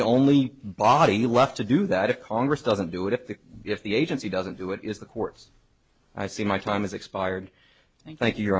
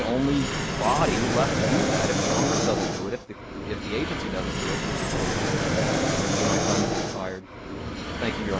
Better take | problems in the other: first | background sound (Fixed-wing aircraft, airplane); 4 dB above the speech

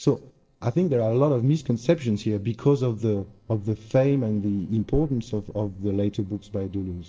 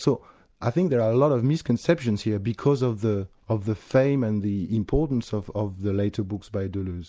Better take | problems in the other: second | noise reduction (neural separator model SepFormer DNS4)

